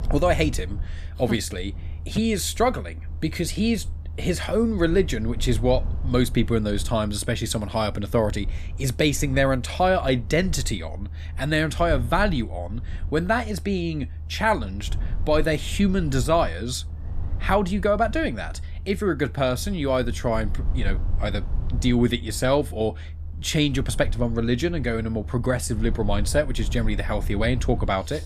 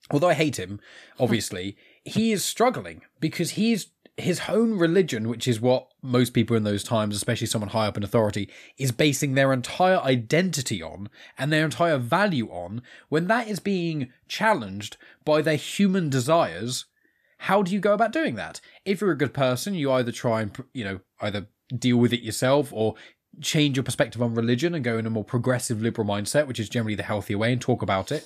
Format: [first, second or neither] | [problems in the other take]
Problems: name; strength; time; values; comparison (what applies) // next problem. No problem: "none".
second | low rumble; faint; throughout; 25 dB below the speech